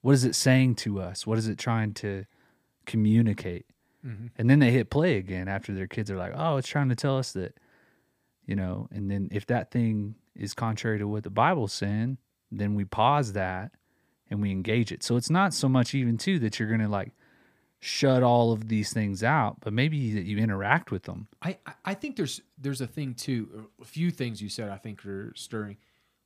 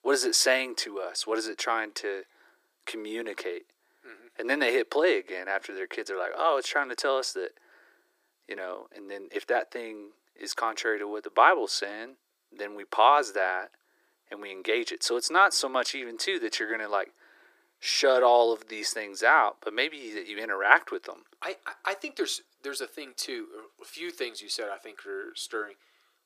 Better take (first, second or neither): first